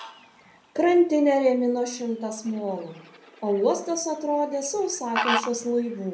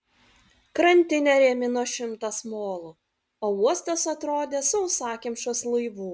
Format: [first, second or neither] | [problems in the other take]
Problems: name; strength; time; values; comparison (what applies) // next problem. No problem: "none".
second | background sound (Fowl); 11 dB below the speech // room echo; dies away in 0.6 s